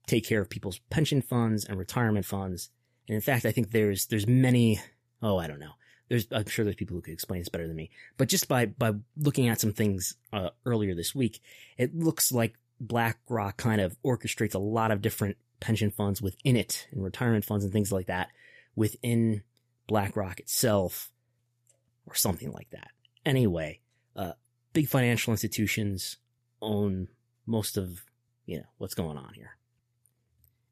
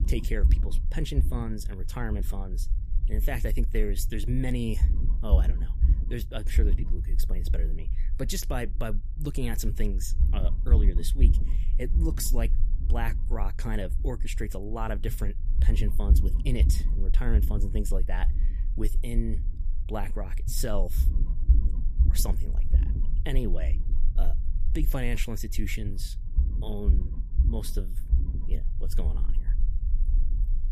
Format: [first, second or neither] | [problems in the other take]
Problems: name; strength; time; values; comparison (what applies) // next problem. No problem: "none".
first | low rumble; noticeable; throughout; 10 dB below the speech